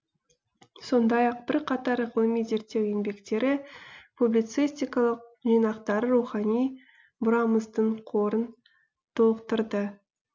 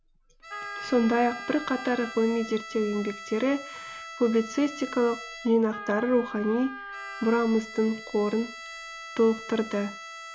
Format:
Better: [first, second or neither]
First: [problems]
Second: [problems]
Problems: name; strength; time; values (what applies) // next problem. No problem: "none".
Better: first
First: none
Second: background sound (Wind instrument, woodwind instrument + Bowed string instrument); 13 dB below the speech